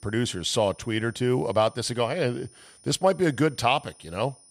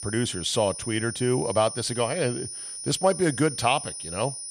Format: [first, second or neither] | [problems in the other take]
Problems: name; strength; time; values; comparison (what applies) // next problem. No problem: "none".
first | high-pitched whine; loud; throughout; 9.5 kHz, 8 dB below the speech; faint in the first